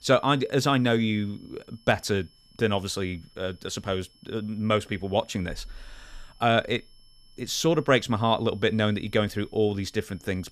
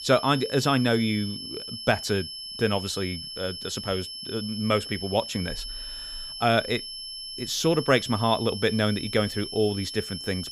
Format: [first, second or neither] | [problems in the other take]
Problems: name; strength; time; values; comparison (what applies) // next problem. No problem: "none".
first | high-pitched whine; loud; throughout; 5.5 kHz, 8 dB below the speech; faint in the first